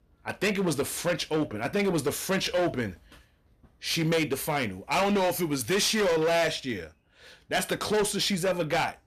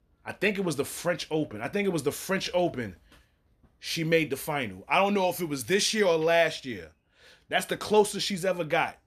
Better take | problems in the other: second | distortion; heavy; 14% of the sound clipped

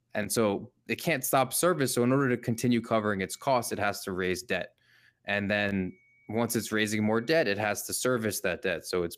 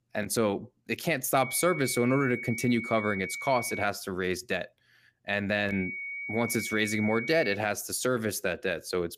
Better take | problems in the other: first | high-pitched whine; loud; from 1.5 to 4 s and from 5.5 to 7.5 s; 2.5 kHz, 7 dB below the speech; faint in the first

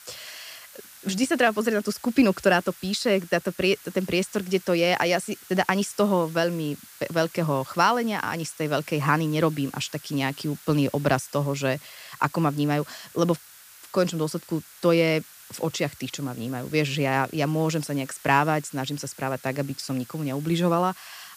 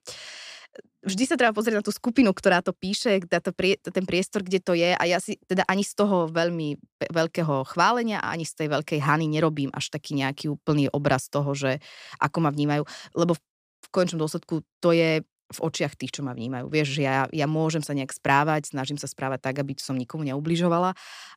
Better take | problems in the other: second | hiss; noticeable; throughout; 20 dB below the speech

